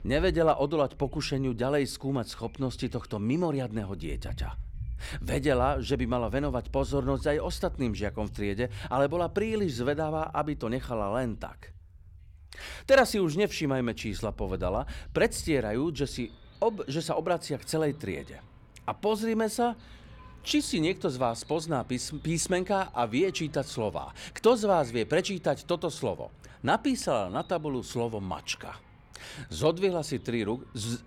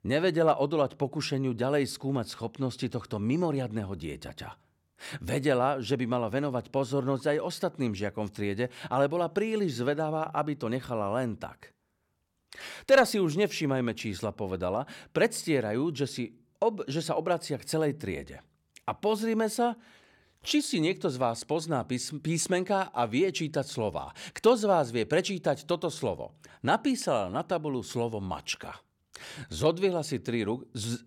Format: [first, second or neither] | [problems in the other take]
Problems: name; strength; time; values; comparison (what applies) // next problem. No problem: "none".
second | animal sounds; noticeable; throughout; 15 dB below the speech